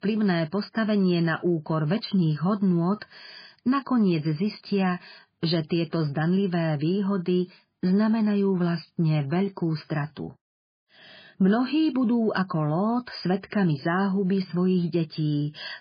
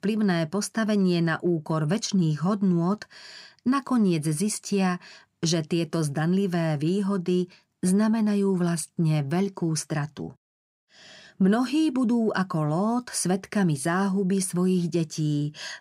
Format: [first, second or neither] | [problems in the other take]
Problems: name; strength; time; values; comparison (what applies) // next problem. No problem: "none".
second | garbled, watery; badly; nothing above 5 kHz